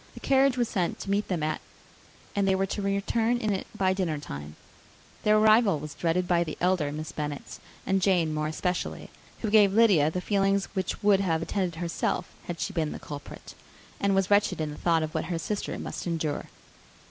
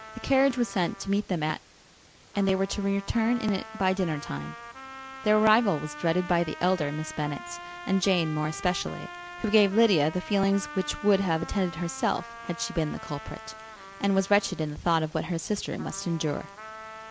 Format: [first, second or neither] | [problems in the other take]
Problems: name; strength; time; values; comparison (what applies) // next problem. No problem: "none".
first | background sound (Trumpet); 15 dB below the speech